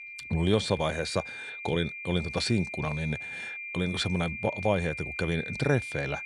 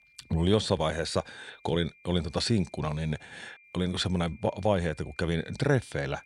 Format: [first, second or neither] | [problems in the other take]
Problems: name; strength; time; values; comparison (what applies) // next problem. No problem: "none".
second | high-pitched whine; loud; throughout; 2.5 kHz, 7 dB below the speech; faint in the second